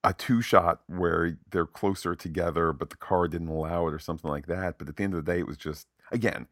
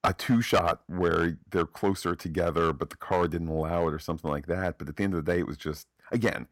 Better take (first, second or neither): first